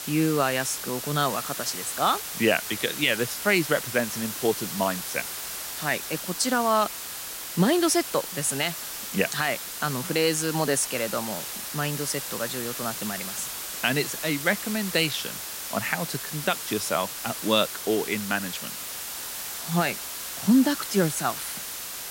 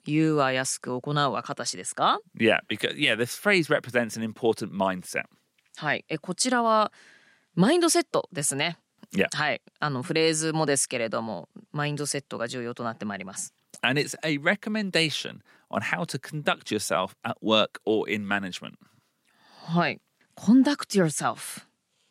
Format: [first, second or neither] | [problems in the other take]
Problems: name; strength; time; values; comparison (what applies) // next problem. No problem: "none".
second | hiss; loud; throughout; 6 dB below the speech